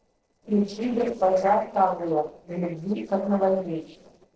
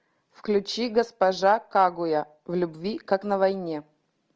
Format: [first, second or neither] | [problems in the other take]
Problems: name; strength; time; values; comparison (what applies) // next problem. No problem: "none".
second | noise reduction (neural separator model SepFormer DNS4)